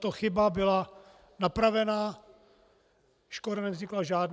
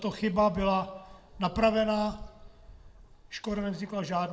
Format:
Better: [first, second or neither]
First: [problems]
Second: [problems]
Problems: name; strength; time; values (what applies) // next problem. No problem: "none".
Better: first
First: none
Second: background sound (Bird vocalization, bird call, bird song); 20 dB below the speech // room echo; dies away in 0.8 s